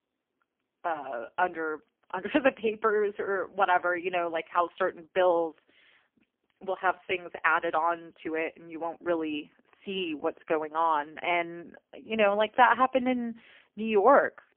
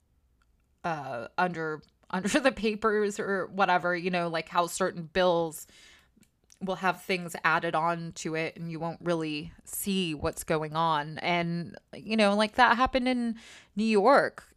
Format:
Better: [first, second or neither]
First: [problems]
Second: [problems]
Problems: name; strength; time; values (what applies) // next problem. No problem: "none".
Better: second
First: phone-call audio; poor line; nothing above 3 kHz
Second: none